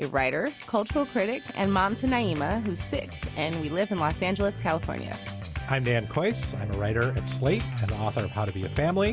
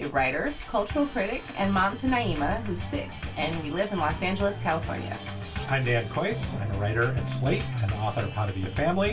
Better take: first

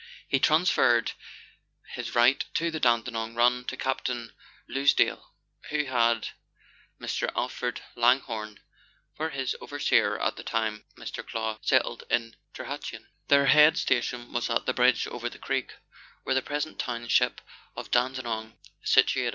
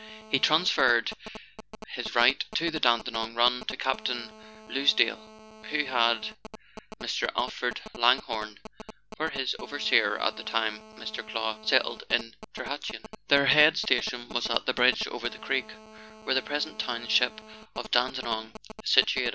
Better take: first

